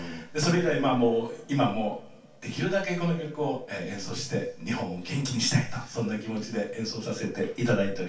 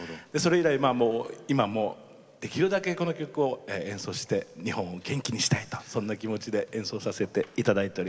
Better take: second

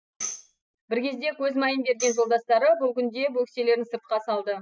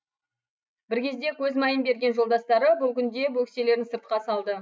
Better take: second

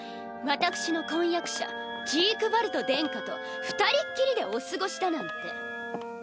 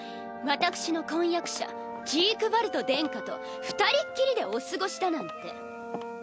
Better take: second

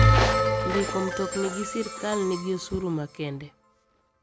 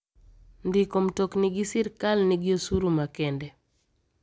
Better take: second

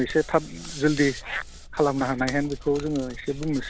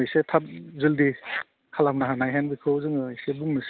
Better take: second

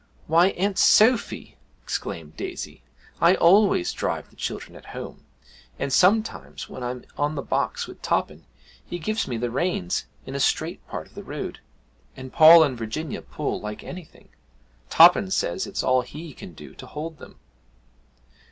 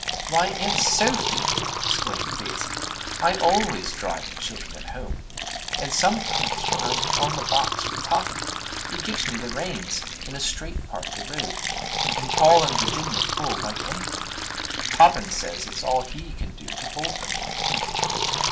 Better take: first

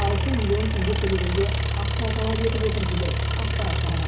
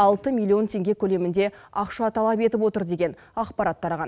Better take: second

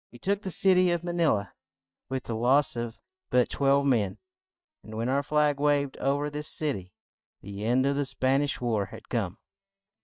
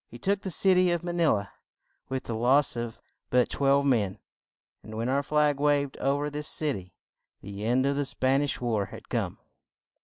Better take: second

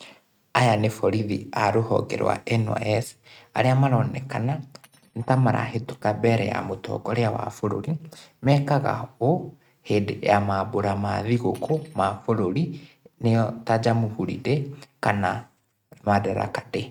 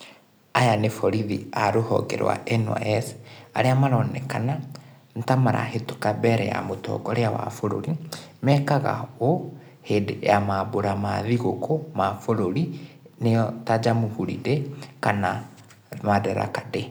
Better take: second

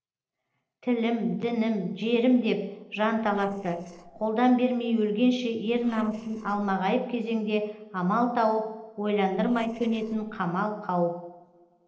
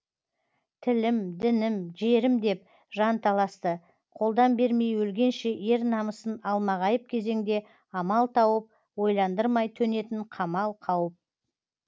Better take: second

